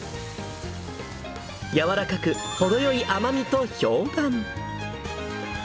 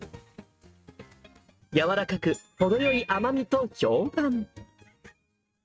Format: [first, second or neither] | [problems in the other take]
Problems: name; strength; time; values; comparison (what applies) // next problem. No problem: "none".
first | noise reduction (neural mask model RNNoise)